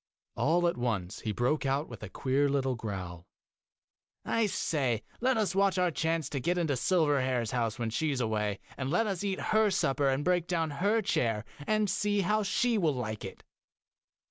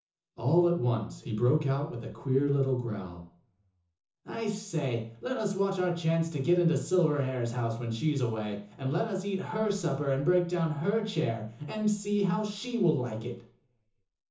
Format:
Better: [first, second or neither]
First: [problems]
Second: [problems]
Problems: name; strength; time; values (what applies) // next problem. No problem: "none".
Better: first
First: none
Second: room echo; dies away in 0.6 s